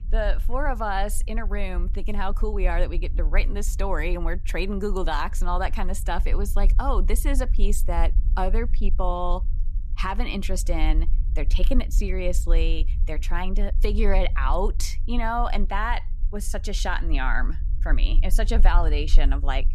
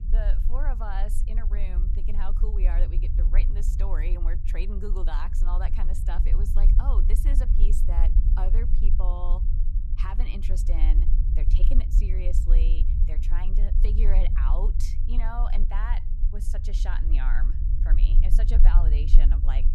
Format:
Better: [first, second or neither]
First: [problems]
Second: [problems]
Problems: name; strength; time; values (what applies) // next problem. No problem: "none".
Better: first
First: low rumble; faint; throughout; 20 dB below the speech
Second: low rumble; loud; throughout; 7 dB below the speech